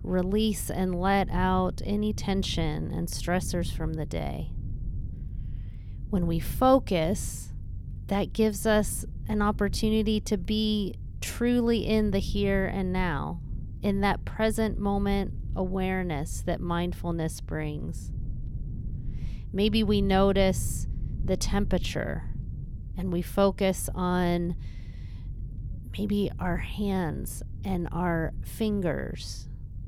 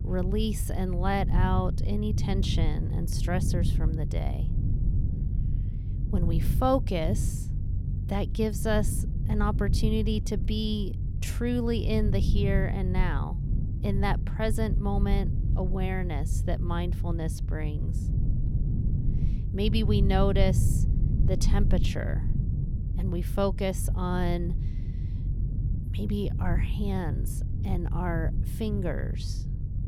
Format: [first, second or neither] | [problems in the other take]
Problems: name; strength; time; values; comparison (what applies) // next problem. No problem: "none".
first | low rumble; loud; throughout; 10 dB below the speech; faint in the first